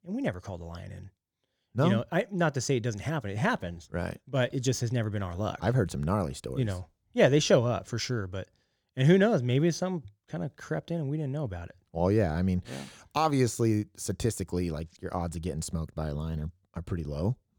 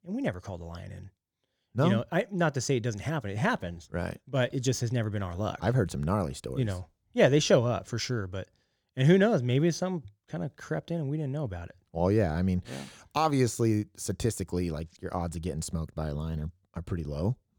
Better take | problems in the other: neither | none

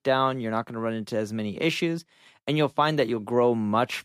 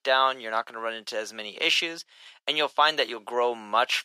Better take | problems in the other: first | thin; very; fading below 700 Hz

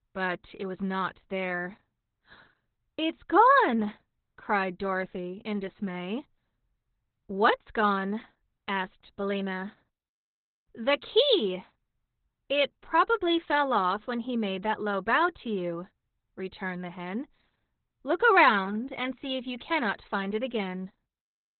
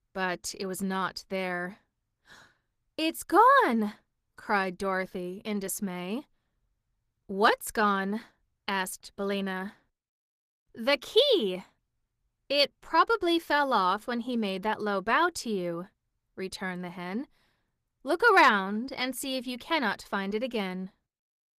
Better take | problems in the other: second | garbled, watery; badly; nothing above 4 kHz; slightly in the second

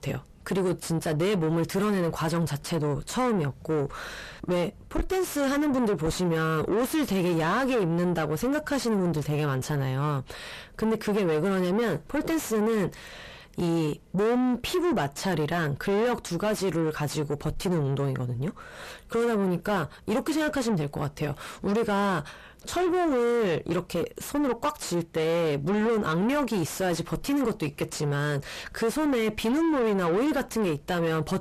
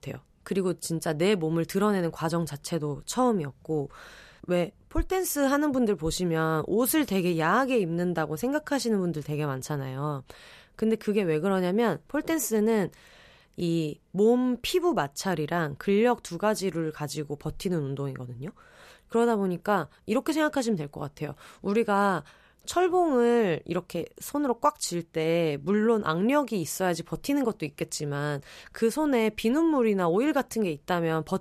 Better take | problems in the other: second | distortion; heavy; 6 dB below the speech

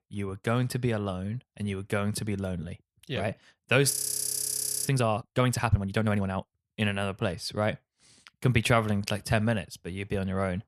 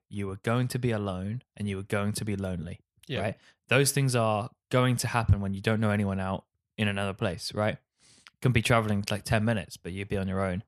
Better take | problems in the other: second | audio freezing; at 4 s for 1 s

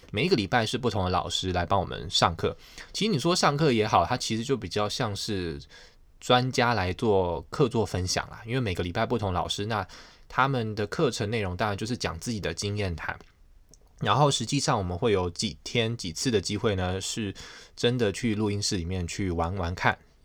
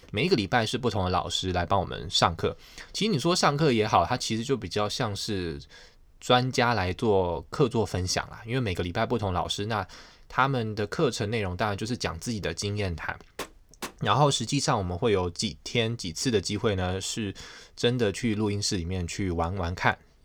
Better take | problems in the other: first | door banging; faint; at 13 s; peak 15 dB below the speech

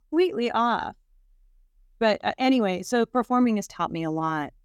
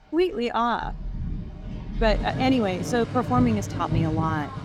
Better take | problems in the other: first | rain or running water; loud; throughout; 5 dB below the speech

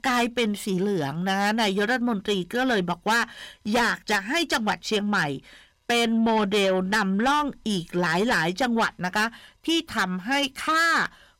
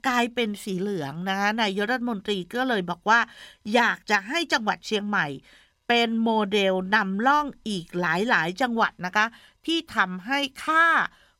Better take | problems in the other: second | distortion; heavy; 7 dB below the speech

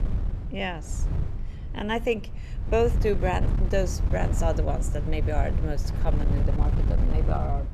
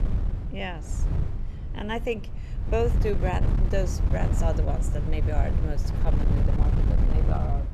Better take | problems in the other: first | wind noise on the microphone; heavy; 6 dB below the speech; occasional gusts in the first

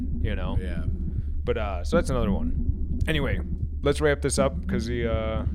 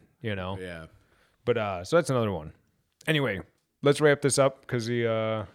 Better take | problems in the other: second | low rumble; noticeable; throughout; 15 dB below the speech

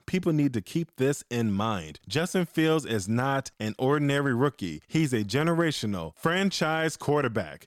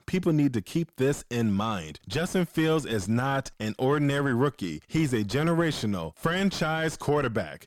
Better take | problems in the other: first | distortion; slight; 10 dB below the speech

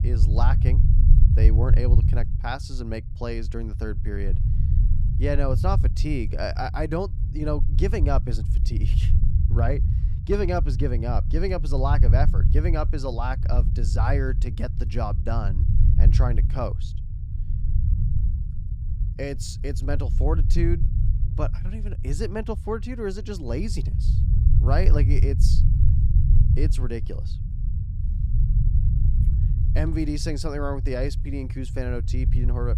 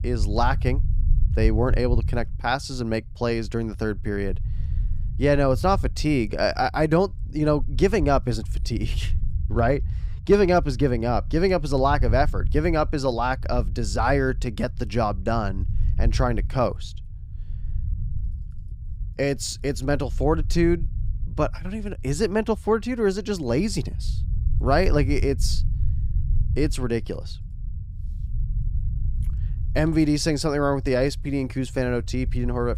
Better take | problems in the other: second | low rumble; loud; throughout; 9 dB below the speech; faint in the second

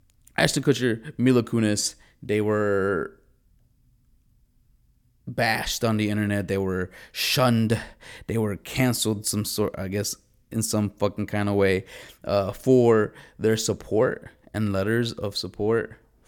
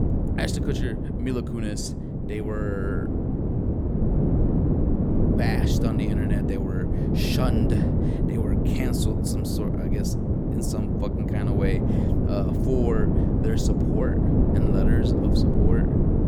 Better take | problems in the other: first | wind noise on the microphone; heavy; 3 dB above the speech

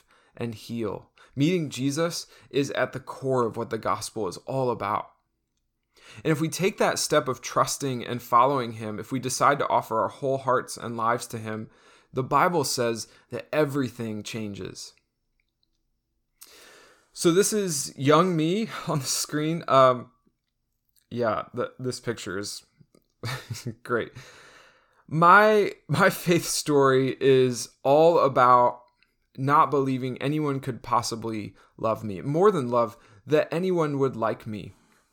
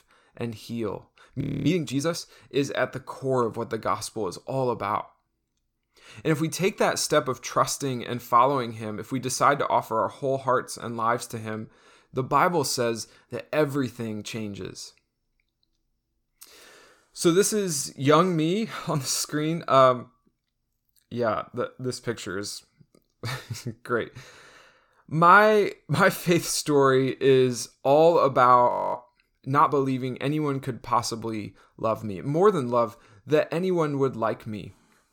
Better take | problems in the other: first | audio freezing; at 1.5 s and at 29 s

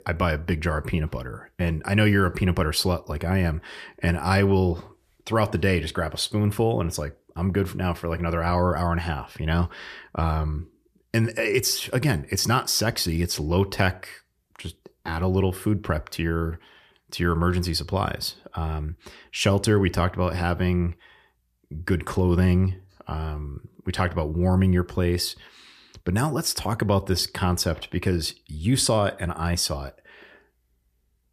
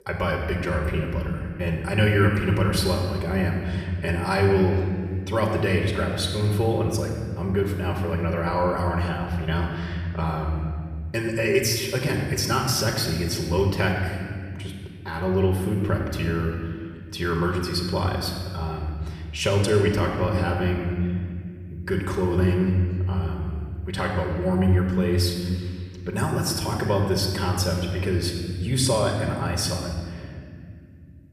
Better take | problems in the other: first | room echo; noticeable; dies away in 1.9 s // off-mic speech; somewhat distant

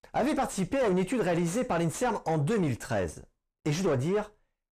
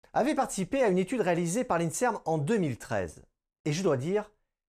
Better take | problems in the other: second | distortion; slight; 10 dB below the speech

